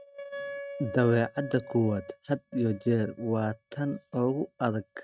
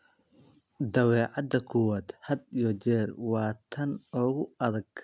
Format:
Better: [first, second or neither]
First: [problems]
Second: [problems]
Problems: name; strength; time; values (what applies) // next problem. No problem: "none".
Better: second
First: noise reduction (neural mask model RNNoise)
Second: none